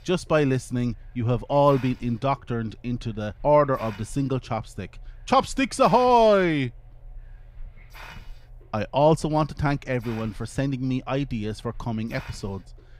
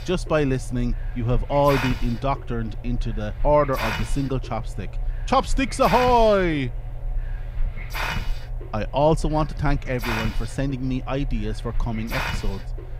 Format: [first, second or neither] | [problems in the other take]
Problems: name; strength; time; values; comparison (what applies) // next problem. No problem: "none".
first | hiss; loud; throughout; 8 dB below the speech; faint in the first